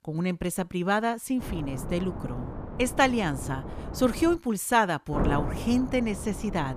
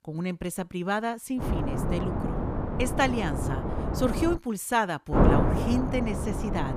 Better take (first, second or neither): first